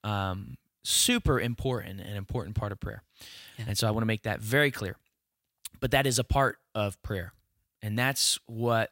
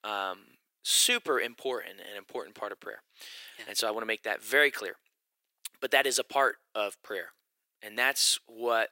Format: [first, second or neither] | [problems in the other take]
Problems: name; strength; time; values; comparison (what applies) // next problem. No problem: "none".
first | thin; very; fading below 400 Hz